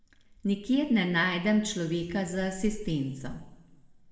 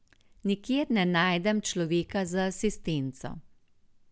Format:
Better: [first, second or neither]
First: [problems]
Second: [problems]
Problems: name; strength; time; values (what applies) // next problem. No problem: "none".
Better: second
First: room echo; dies away in 1 s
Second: none